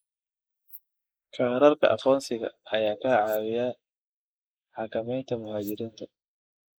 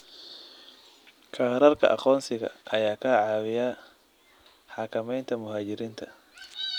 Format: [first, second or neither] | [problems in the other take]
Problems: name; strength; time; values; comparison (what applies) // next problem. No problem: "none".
second | noise reduction (neural mask model Resemble Enhance denoiser)